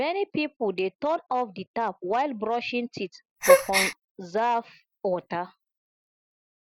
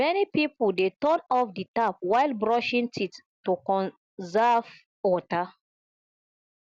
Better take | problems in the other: second | noise reduction (classical method spectral subtraction)

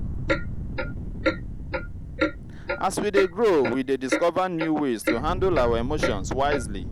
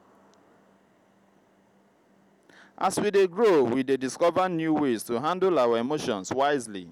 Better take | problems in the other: second | background sound (Fire + Clock); 3 dB below the speech

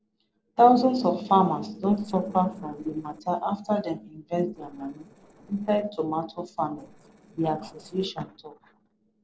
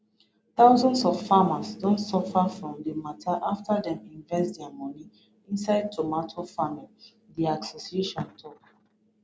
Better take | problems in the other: second | noise reduction (neural separator model SepFormer DNS4)

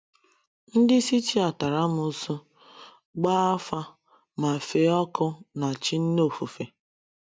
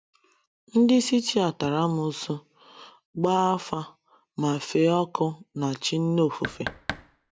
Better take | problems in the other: first | background sound (Knock); 10 dB below the speech

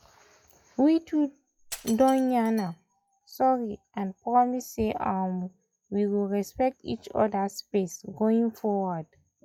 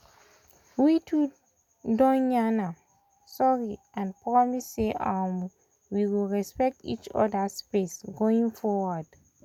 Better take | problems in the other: second | noise reduction (classical method log-MMSE)

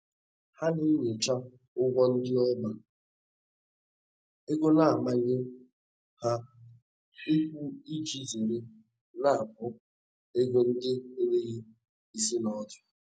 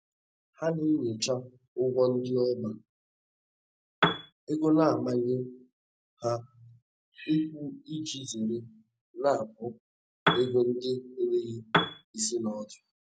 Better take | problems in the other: first | background sound (Piano); 4 dB above the speech

